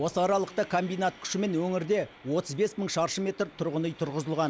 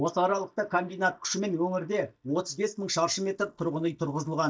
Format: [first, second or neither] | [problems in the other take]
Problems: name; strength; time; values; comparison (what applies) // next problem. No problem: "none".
first | noise reduction (neural mask model DeepFilterNet 3)